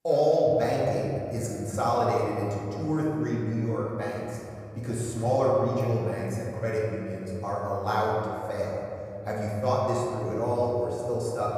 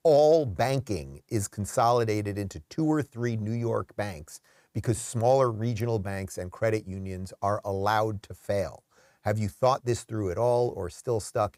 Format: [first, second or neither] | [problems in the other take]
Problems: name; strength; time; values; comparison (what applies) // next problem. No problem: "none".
second | off-mic speech; far // room echo; noticeable; dies away in 2.5 s